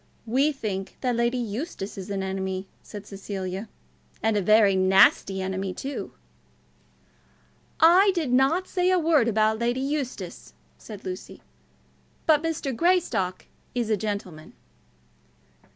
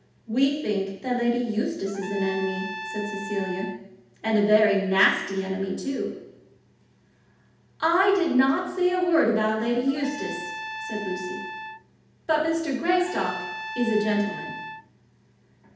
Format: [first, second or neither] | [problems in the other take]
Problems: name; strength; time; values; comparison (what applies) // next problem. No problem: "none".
first | background sound (Trumpet); 10 dB below the speech // room echo; dies away in 0.8 s